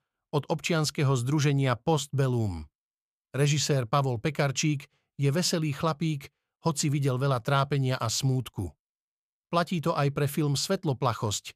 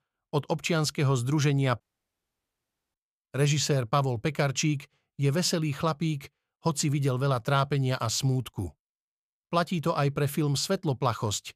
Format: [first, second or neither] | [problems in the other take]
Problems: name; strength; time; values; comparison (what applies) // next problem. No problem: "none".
first | audio cutting out; at 2 s for 1 s